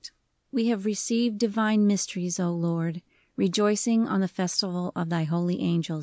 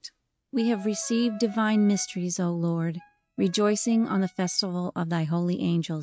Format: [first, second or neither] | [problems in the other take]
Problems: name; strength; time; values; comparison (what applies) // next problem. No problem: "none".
first | noise reduction (neural mask model RNNoise)